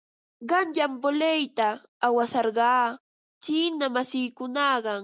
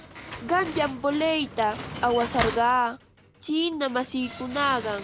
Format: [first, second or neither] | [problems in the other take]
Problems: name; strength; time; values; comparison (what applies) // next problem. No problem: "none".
first | background sound (Slam); 11 dB below the speech